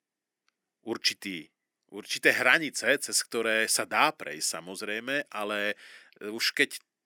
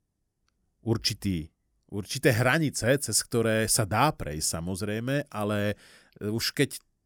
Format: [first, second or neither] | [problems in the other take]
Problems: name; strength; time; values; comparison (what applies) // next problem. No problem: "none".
second | thin; somewhat; fading below 250 Hz